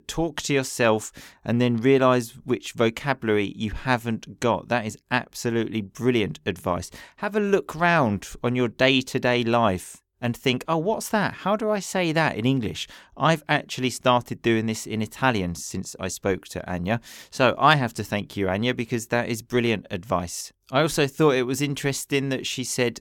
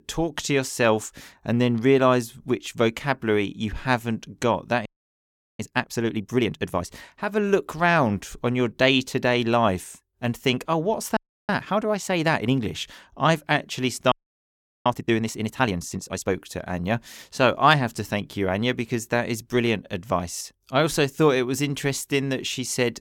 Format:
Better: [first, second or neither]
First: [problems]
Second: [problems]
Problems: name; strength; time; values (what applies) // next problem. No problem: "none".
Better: first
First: none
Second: audio freezing; at 5 s for 0.5 s, at 11 s and at 14 s for 0.5 s